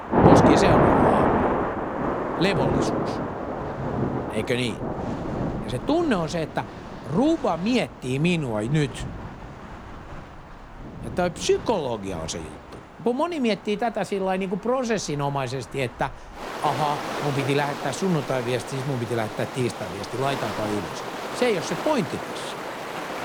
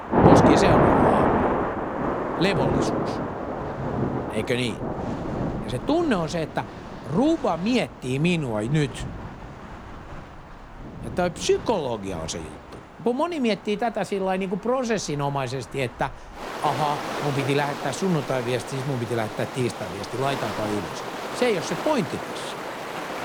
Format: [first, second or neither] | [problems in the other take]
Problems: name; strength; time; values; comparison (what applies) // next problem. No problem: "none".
neither | rain or running water; very loud; throughout; as loud as the speech; the same in both